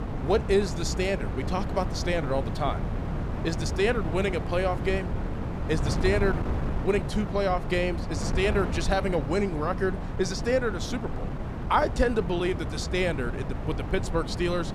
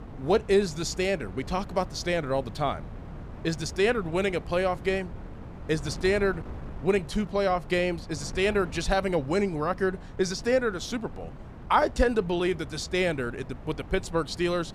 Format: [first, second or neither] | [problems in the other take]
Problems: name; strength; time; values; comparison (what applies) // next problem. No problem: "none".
second | wind noise on the microphone; heavy; 9 dB below the speech; occasional gusts in the second